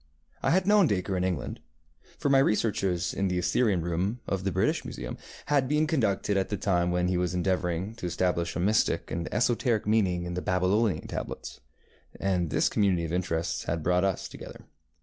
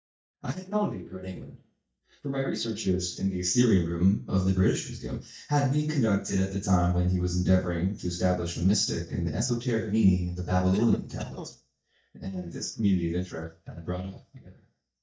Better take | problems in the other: first | noise reduction (neural mask model DeepFilterNet 3)

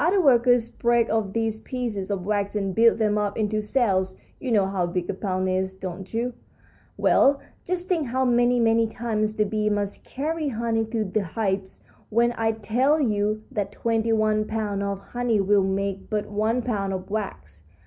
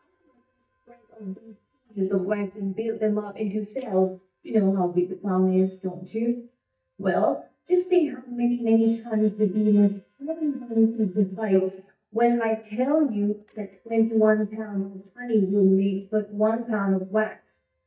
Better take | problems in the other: first | noise reduction (neural mask model DeepFilterNet 3)

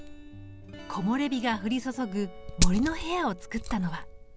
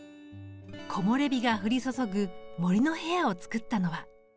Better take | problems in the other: second | background sound (Glass); 2 dB below the speech

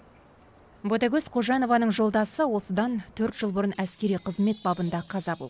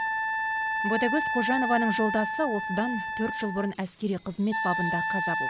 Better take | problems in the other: first | background sound (Wind instrument, woodwind instrument); 1 dB below the speech

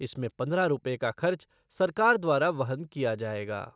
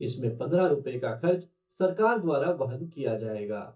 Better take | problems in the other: first | noise reduction (neural mask model DeepFilterNet 3)

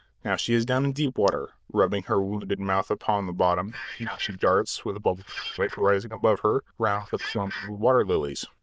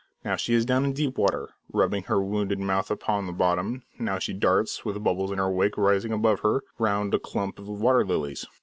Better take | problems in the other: second | noise reduction (neural diffusion model UNIVERSE++)

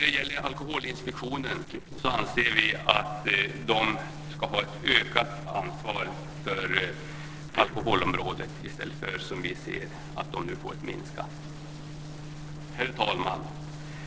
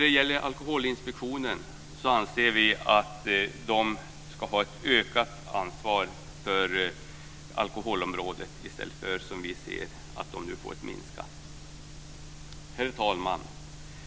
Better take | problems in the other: second | noise reduction (neural separator model SepFormer DNS4)

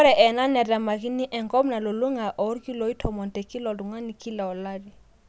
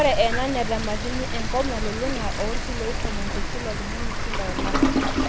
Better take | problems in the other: first | background sound (Toilet flush + Rain); 3 dB above the speech

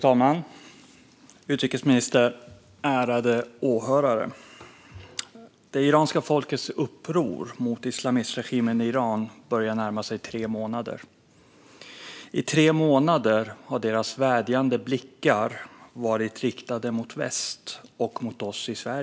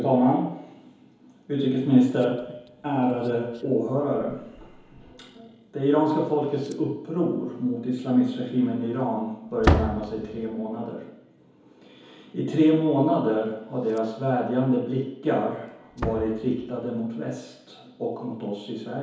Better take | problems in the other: first | background sound (Slam); 11 dB below the speech // room echo; dies away in 2.2 s

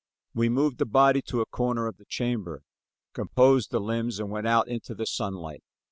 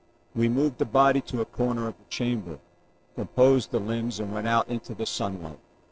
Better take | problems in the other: first | noise reduction (neural separator model SepFormer DNS4)

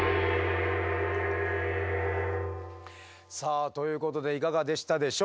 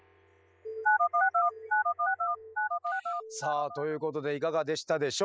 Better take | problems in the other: first | noise reduction (classical method spectral subtraction)

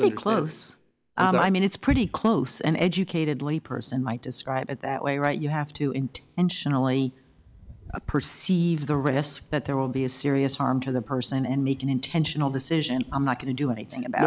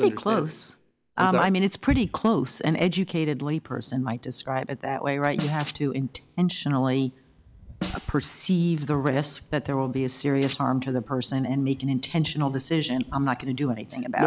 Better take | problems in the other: first | background sound (Snare drum + Domestic sounds, home sounds); 14 dB below the speech

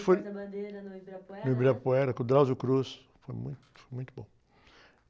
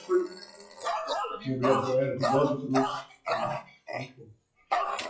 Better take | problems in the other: first | noise reduction (classical method WPE with log-MMSE)

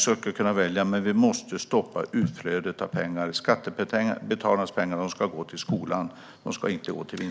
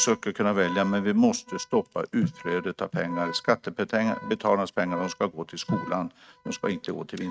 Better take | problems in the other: first | noise reduction (neural mask model RNNoise)

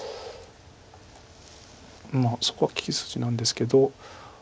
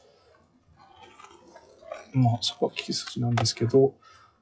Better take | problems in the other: first | noise reduction (classical method WPE with log-MMSE)

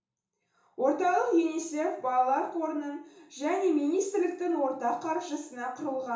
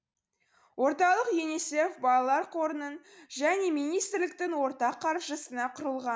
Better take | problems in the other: second | room echo; dies away in 0.8 s

